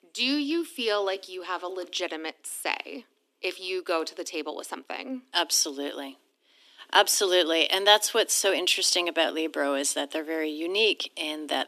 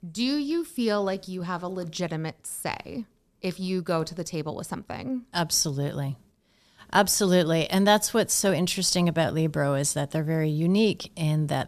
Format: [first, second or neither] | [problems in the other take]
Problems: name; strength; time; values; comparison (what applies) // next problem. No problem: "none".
second | thin; somewhat; fading below 250 Hz